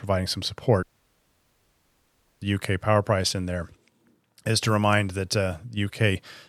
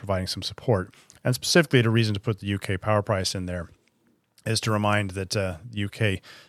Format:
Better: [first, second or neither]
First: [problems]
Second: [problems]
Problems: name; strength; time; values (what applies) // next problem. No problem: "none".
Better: second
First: audio cutting out; at 1 s for 1.5 s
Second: none